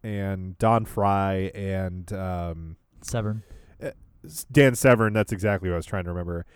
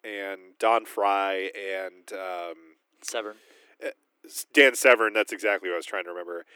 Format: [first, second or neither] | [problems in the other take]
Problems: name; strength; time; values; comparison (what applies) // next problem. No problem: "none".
first | thin; very; fading below 300 Hz